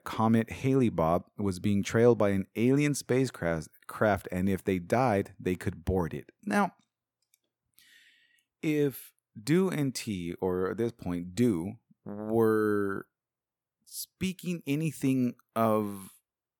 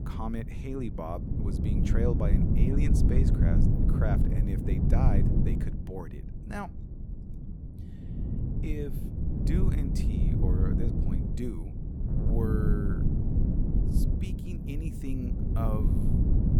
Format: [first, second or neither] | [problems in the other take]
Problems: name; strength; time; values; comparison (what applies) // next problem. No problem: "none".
first | wind noise on the microphone; heavy; 1 dB above the speech